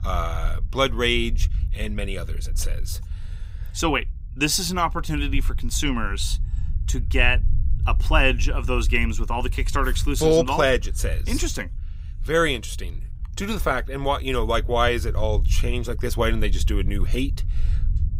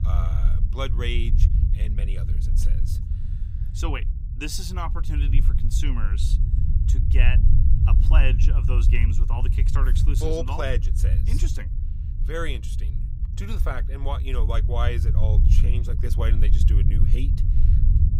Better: first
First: low rumble; faint; throughout; 25 dB below the speech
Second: low rumble; loud; throughout; 7 dB below the speech

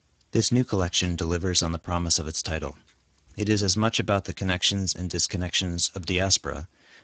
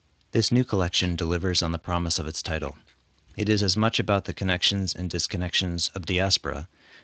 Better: second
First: garbled, watery; badly; nothing above 7.5 kHz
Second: garbled, watery; slightly; nothing above 7.5 kHz

